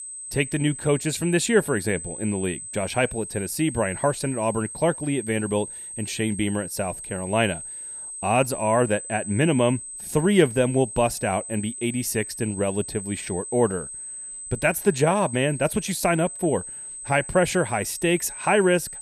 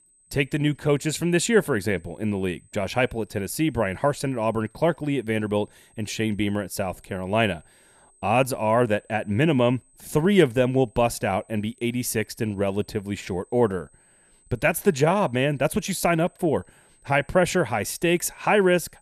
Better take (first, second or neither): second